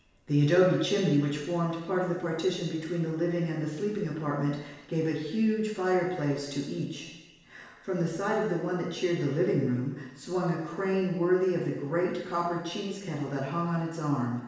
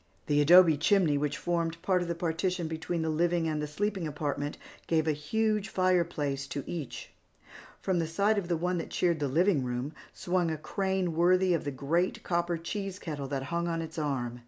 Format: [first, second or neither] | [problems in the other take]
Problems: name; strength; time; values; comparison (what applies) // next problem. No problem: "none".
second | room echo; dies away in 1 s